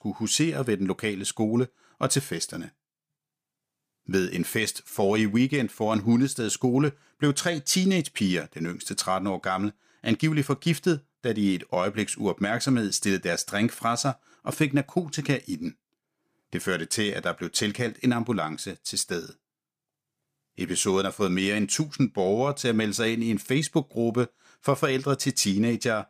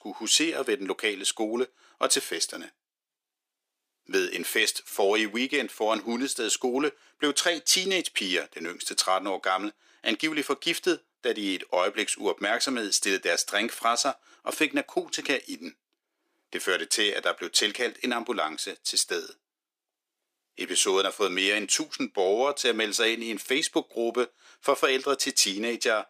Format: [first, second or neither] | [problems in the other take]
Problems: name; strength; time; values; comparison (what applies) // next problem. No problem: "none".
first | thin; somewhat; fading below 350 Hz